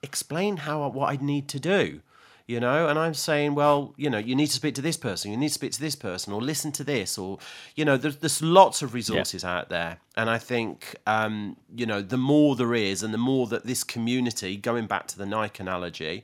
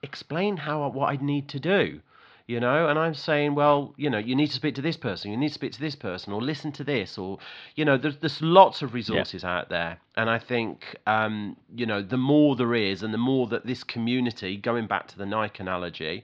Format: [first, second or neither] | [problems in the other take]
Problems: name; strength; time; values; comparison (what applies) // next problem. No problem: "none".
first | muffled; very slightly; fading above 4 kHz